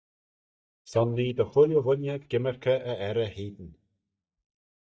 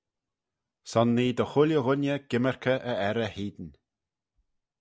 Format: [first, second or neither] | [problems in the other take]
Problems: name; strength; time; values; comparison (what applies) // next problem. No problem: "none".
second | noise reduction (neural mask model DeepFilterNet 3)